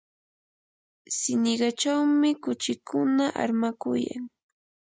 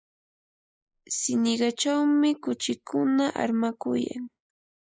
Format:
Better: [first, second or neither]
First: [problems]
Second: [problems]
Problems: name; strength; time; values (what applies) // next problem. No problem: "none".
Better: first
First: none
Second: noise reduction (neural mask model Resemble Enhance denoiser)